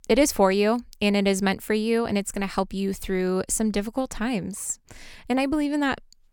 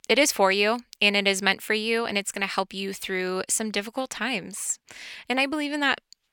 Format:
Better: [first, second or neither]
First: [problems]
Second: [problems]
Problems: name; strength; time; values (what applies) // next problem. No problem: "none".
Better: first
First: none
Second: thin; very slightly; fading below 400 Hz